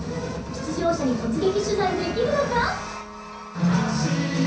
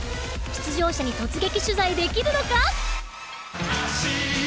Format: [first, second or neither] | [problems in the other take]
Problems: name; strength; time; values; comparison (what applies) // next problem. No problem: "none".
second | background sound (Wind instrument, woodwind instrument); 17 dB below the speech // room echo; dies away in 0.6 s